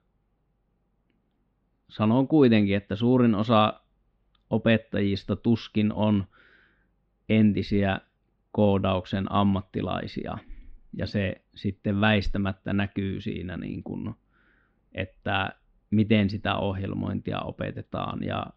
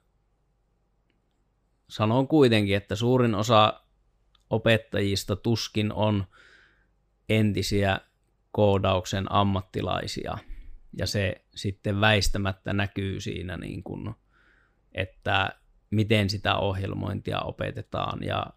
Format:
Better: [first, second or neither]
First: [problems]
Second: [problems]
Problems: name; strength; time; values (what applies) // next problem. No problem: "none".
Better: second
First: muffled; slightly; fading above 3.5 kHz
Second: none